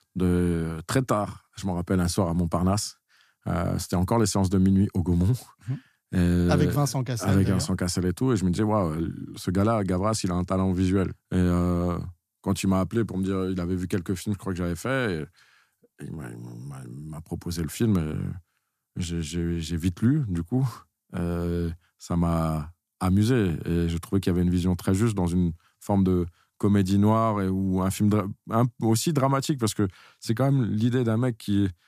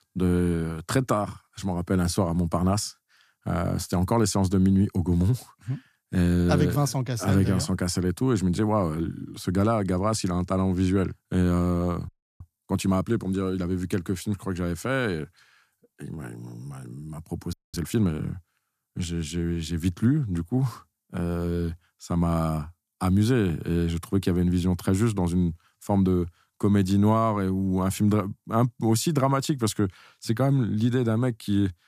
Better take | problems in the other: first | audio freezing; at 12 s and at 18 s

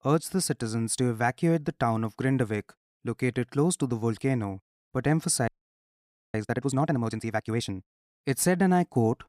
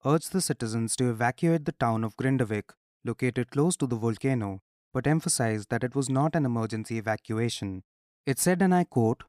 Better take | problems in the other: second | audio freezing; at 5.5 s for 1 s

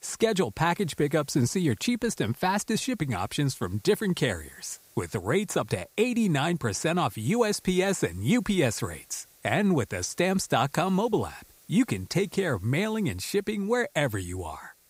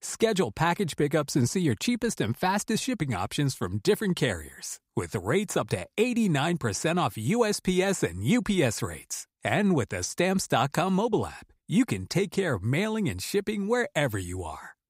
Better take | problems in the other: second | hiss; faint; throughout; 30 dB below the speech

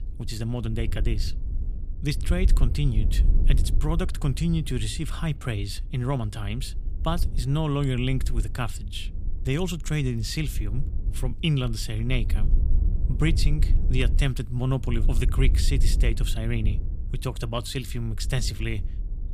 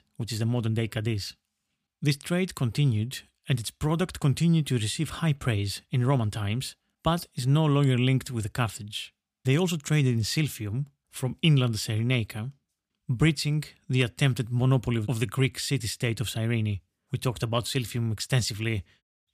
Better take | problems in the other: second | wind noise on the microphone; occasional gusts; 15 dB below the speech

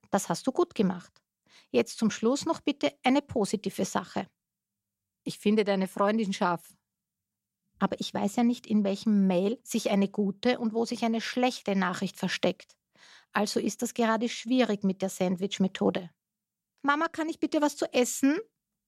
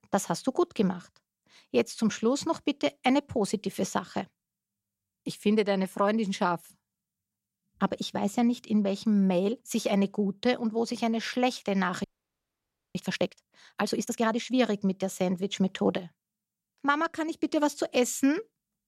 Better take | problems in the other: first | audio freezing; at 12 s for 1 s

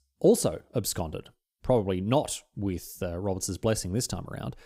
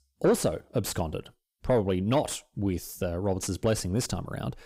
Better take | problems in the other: first | distortion; slight; 10 dB below the speech

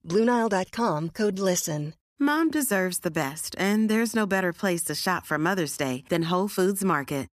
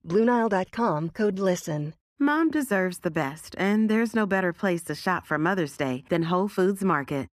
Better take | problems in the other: first | muffled; slightly; fading above 3.5 kHz

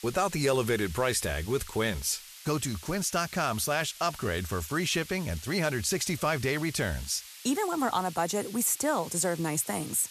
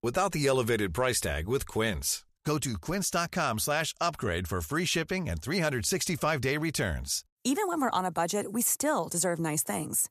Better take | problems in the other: second | hiss; noticeable; throughout; 15 dB below the speech

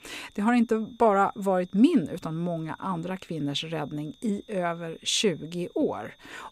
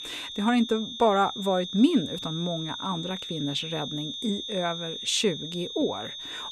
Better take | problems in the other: first | high-pitched whine; loud; throughout; 3.5 kHz, 7 dB below the speech; faint in the first

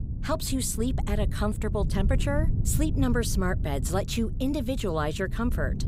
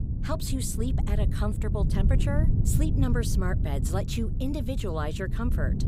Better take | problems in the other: first | wind noise on the microphone; heavy; 6 dB below the speech; occasional gusts in the first

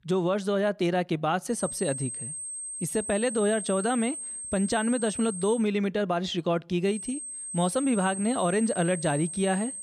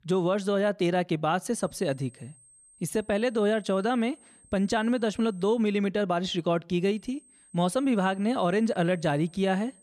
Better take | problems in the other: second | high-pitched whine; loud; from 1.5 to 5.5 s and from 7 s on; 8.5 kHz, 7 dB below the speech; faint in the second

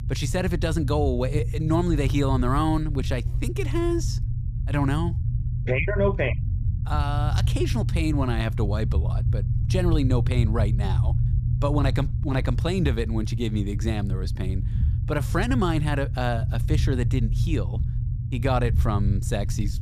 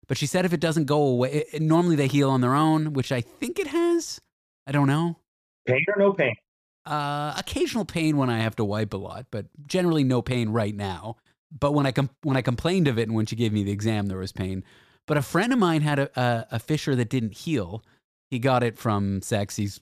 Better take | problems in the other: second | low rumble; noticeable; throughout; 10 dB below the speech

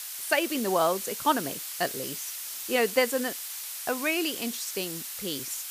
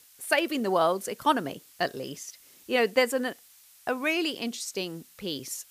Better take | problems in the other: second | hiss; loud; throughout; 5 dB below the speech; faint in the second

